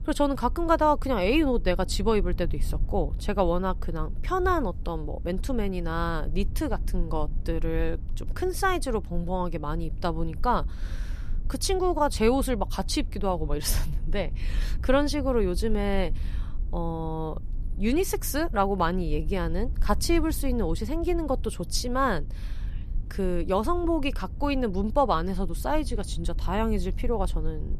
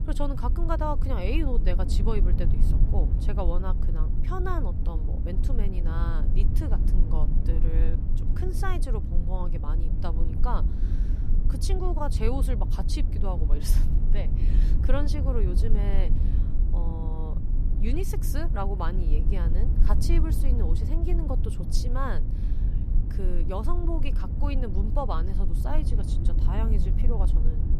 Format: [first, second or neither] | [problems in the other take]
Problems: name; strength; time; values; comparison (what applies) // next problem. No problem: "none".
first | low rumble; loud; throughout; 7 dB below the speech; faint in the first